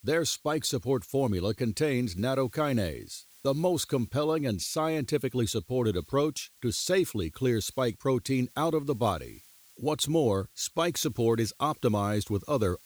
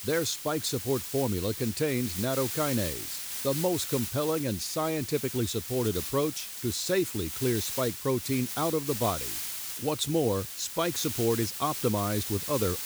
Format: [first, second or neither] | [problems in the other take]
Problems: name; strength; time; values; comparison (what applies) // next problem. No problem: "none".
first | hiss; loud; throughout; 4 dB below the speech; faint in the first